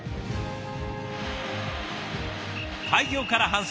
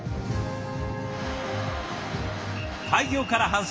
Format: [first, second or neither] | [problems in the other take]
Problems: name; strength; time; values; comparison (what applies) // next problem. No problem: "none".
first | room echo; dies away in 1.4 s